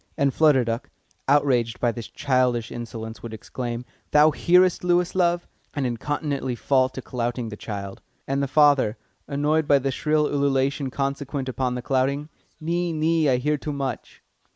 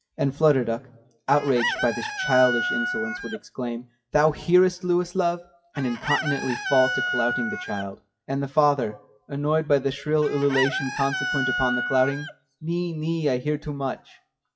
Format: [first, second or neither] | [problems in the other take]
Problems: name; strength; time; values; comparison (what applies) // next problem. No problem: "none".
first | noise reduction (classical method WPE with log-MMSE)